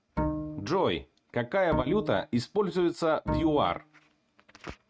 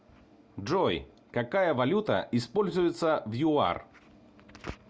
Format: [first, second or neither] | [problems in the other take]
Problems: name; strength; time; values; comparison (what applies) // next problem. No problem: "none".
second | noise reduction (neural mask model RNNoise)